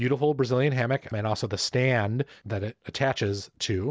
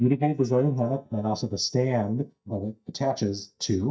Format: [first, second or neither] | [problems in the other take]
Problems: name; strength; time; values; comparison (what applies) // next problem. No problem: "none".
first | noise reduction (neural mask model DeepFilterNet 3)